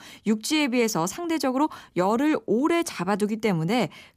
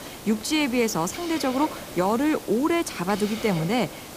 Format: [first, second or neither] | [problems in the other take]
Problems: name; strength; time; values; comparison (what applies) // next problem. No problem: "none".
first | hiss; noticeable; throughout; 10 dB below the speech